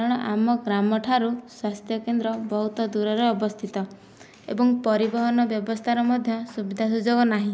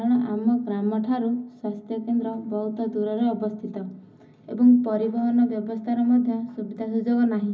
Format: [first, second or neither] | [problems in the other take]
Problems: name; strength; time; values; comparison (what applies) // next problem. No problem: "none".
first | room echo; dies away in 0.4 s